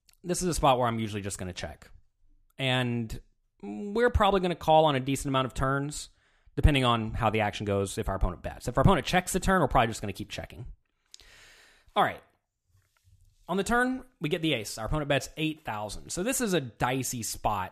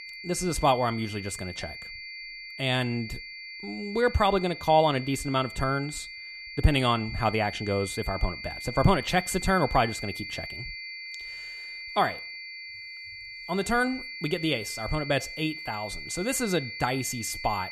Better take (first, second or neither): first